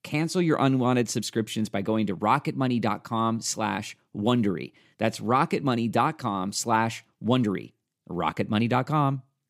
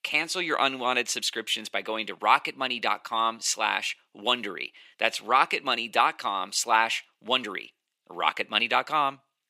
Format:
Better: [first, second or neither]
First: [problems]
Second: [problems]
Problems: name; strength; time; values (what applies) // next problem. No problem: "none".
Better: first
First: none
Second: thin; very; fading below 600 Hz